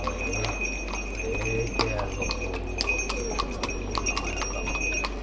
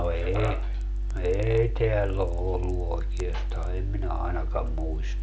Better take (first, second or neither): second